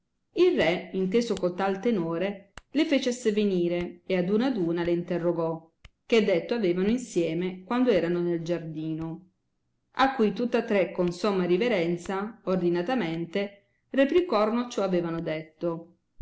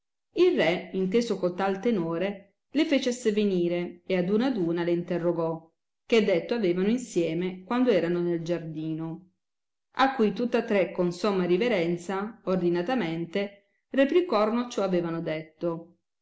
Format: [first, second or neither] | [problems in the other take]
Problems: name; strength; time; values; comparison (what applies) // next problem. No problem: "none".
second | background sound (Hands); 19 dB below the speech